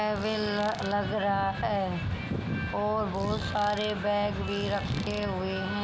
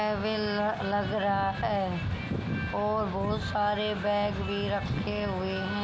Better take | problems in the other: second | background sound (Fart); 17 dB below the speech

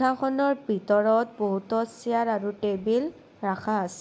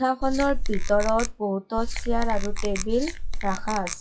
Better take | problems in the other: first | noise reduction (classical method WPE with log-MMSE)

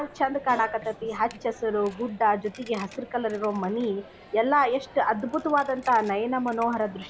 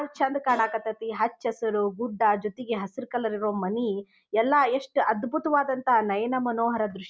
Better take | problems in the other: second | background sound (Coin (dropping)); 20 dB below the speech

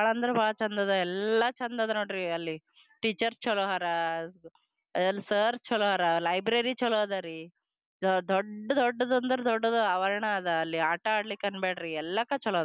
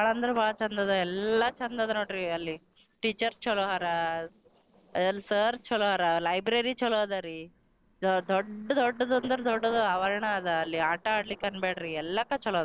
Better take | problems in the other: first | noise reduction (neural separator model SepFormer DNS4)

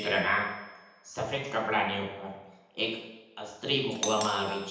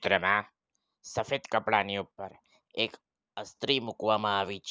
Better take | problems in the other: second | background sound (Doorbell); 13 dB below the speech // room echo; dies away in 0.9 s

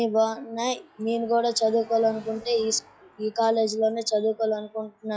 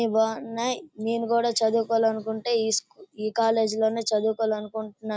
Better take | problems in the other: second | noise reduction (classical method log-MMSE)

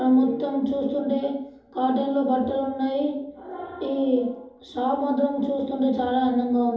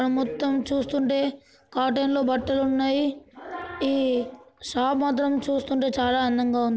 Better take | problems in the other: second | room echo; dies away in 2.8 s

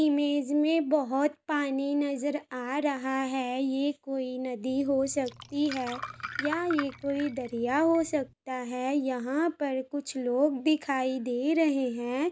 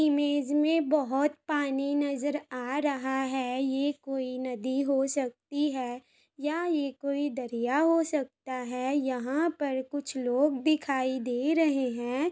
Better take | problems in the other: second | background sound (Glass); 12 dB below the speech

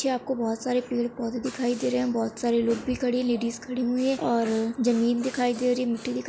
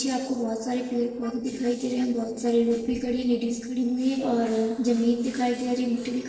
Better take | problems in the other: first | noise reduction (neural separator model SepFormer DNS4)

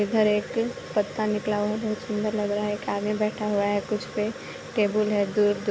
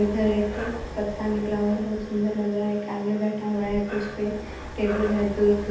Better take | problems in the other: first | background sound (Breathing); 12 dB below the speech // room echo; dies away in 0.8 s

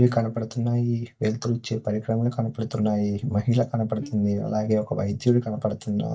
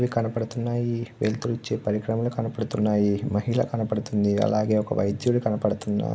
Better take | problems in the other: second | noise reduction (neural mask model DeepFilterNet 3)

